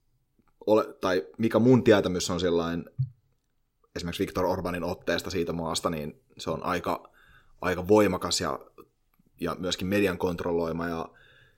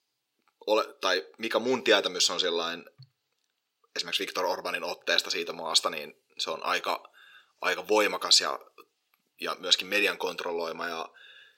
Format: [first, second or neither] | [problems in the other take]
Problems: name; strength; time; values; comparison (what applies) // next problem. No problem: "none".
first | thin; somewhat; fading below 500 Hz